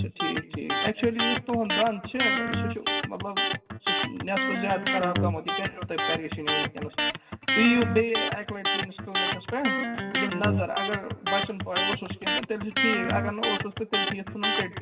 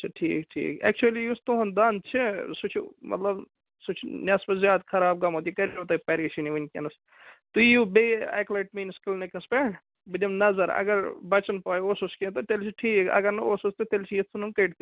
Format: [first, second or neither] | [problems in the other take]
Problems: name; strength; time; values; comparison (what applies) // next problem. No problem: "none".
second | background sound (Electric guitar); 2 dB above the speech // room echo; dies away in 1.7 s